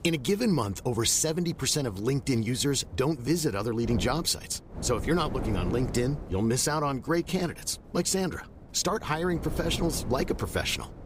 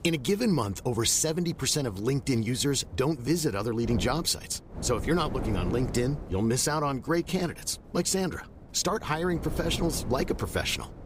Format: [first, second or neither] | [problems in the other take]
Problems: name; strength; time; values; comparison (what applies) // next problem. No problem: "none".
neither | wind noise on the microphone; occasional gusts; 15 dB below the speech; the same in both